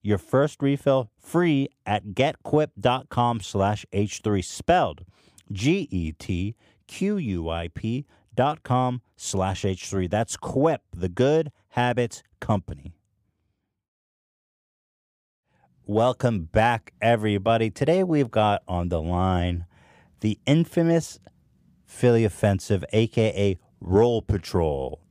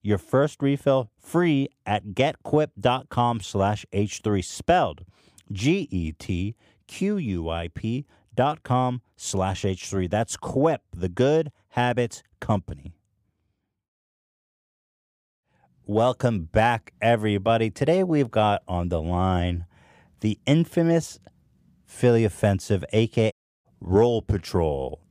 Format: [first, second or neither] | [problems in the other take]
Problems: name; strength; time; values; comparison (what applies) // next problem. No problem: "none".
first | audio cutting out; at 23 s